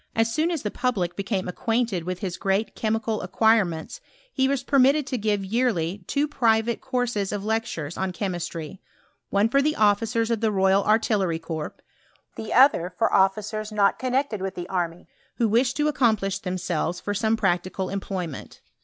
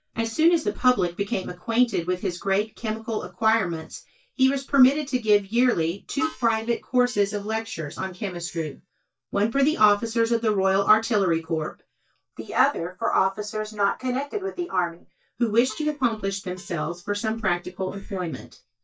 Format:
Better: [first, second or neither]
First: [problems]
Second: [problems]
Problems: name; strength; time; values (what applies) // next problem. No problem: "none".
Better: first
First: none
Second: noise reduction (neural mask model DeepFilterNet 3)